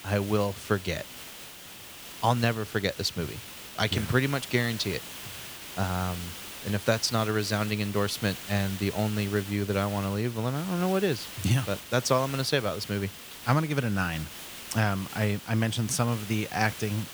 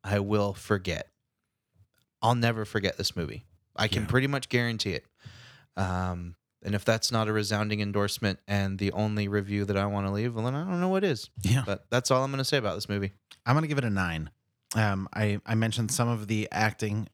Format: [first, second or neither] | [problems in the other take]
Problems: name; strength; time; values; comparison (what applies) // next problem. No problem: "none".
second | hiss; noticeable; throughout; 10 dB below the speech